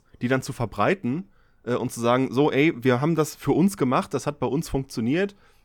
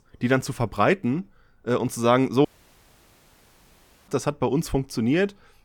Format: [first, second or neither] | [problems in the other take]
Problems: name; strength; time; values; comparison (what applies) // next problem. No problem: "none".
first | audio cutting out; at 2.5 s for 1.5 s